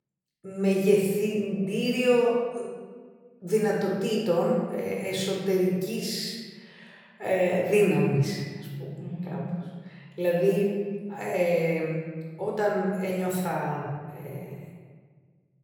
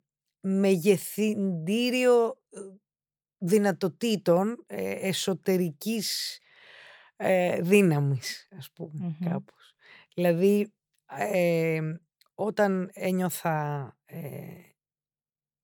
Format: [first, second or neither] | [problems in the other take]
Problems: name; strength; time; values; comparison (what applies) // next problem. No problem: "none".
second | off-mic speech; somewhat distant // room echo; noticeable; dies away in 1.3 s